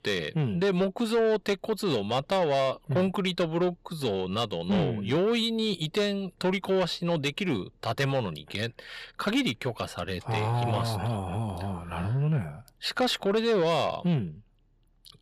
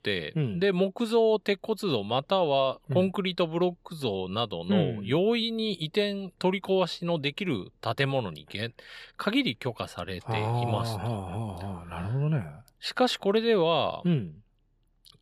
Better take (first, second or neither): second